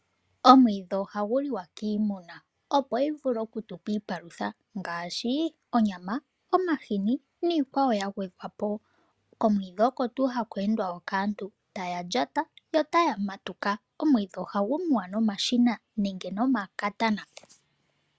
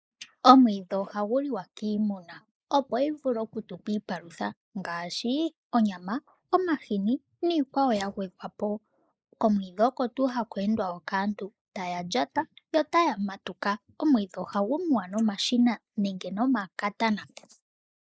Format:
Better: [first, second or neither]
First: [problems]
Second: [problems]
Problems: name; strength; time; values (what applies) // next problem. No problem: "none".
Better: first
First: none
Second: noise reduction (neural mask model Resemble Enhance denoiser)